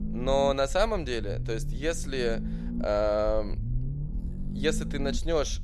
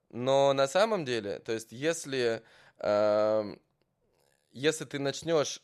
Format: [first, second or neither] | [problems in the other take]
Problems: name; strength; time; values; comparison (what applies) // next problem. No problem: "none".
second | low rumble; noticeable; throughout; 15 dB below the speech